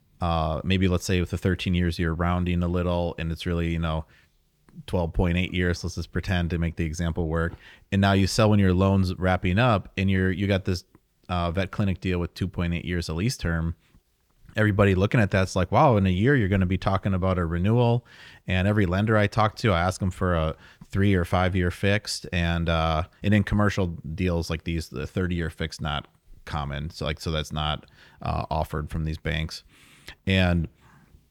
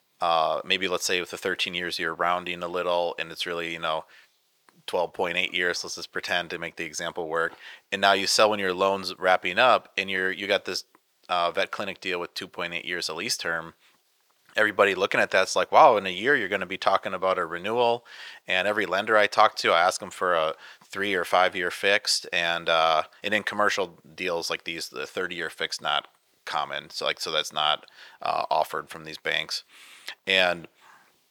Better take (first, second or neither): first